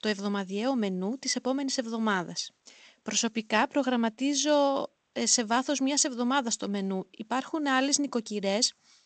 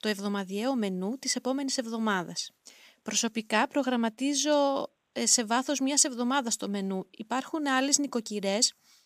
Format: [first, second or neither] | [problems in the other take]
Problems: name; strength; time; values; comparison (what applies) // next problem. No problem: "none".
second | garbled, watery; slightly; nothing above 8 kHz